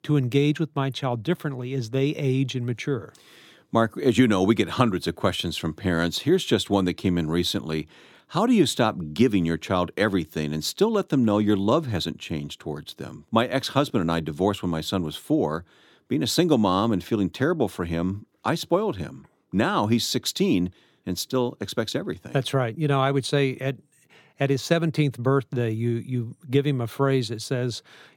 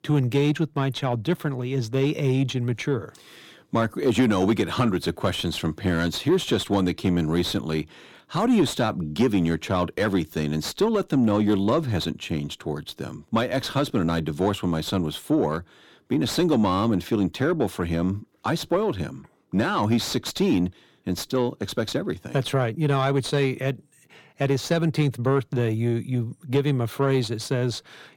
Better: first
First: none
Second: distortion; slight; 10 dB below the speech

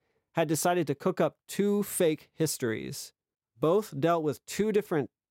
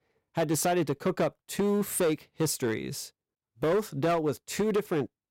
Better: first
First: none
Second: distortion; slight; 9% of the sound clipped

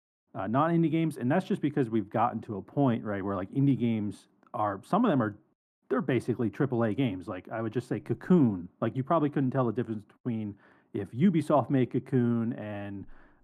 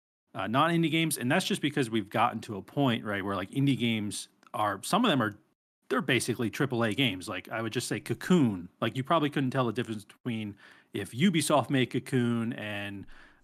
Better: second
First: muffled; very; fading above 2 kHz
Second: none

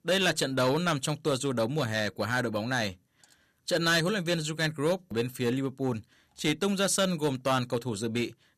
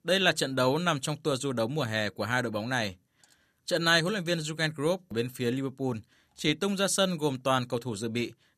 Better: second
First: distortion; slight; 4% of the sound clipped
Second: none

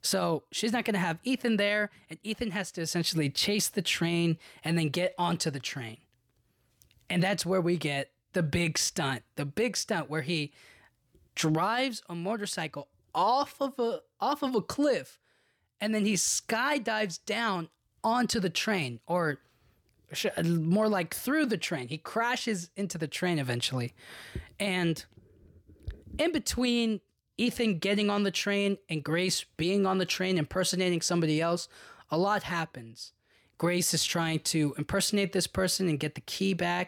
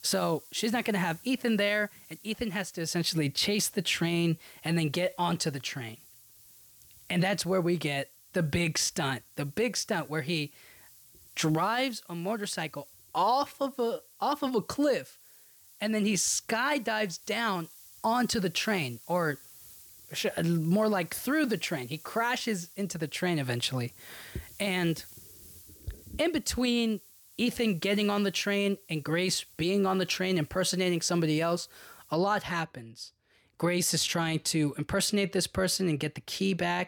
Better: first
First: none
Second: hiss; faint; until 32 s; 20 dB below the speech

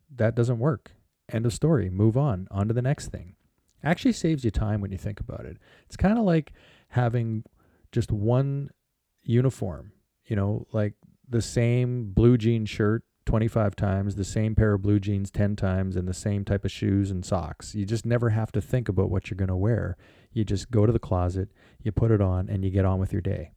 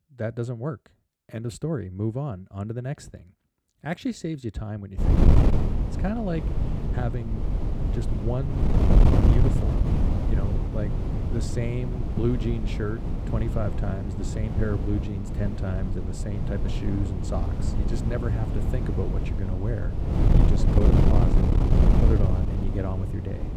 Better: first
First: none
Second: wind noise on the microphone; heavy; from 5 s on; 1 dB above the speech

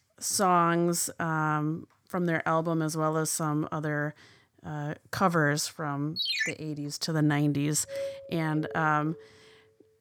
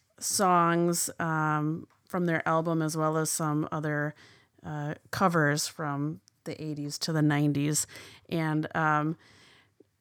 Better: second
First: phone ringing; loud; at 6 s; peak 1 dB above the speech // doorbell; noticeable; from 8 to 9 s; peak 8 dB below the speech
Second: none

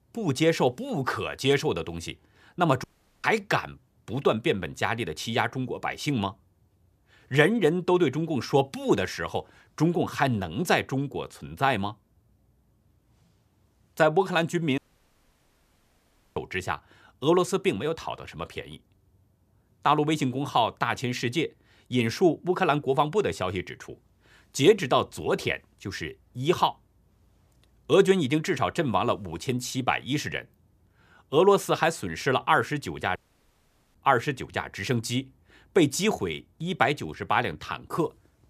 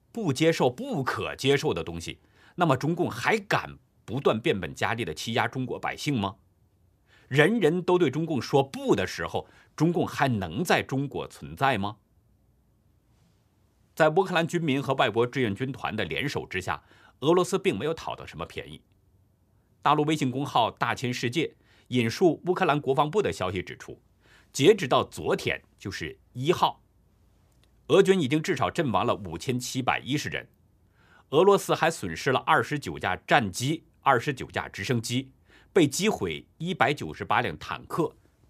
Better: second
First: audio cutting out; at 3 s, at 15 s for 1.5 s and at 33 s for 1 s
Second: none

